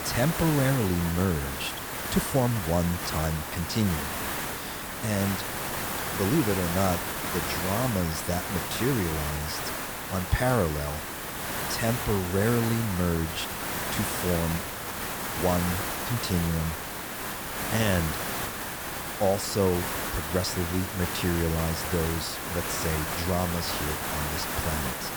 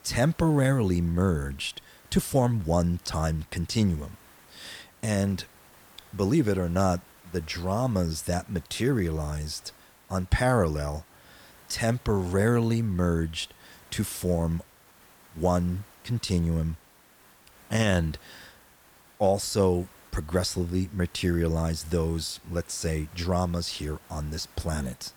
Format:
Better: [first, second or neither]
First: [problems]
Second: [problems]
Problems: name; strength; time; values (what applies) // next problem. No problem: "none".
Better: second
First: hiss; loud; throughout; 2 dB below the speech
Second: hiss; faint; throughout; 25 dB below the speech